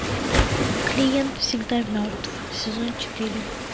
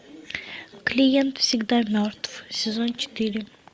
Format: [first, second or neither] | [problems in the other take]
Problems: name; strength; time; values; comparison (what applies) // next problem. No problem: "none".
second | background sound (Waves, surf); as loud as the speech